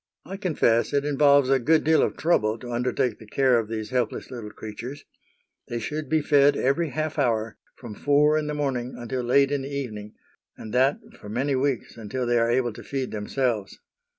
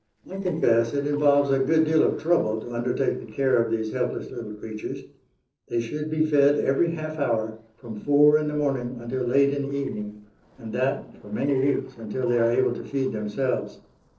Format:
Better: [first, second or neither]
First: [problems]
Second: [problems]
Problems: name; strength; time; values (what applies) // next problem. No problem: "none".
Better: first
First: none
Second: noise reduction (neural separator model SepFormer DNS4)